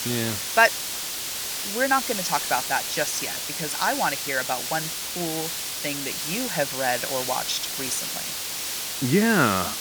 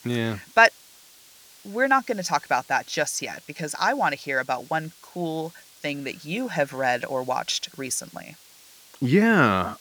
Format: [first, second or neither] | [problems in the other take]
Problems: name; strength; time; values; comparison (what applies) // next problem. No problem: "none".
second | hiss; loud; throughout; 2 dB below the speech; faint in the second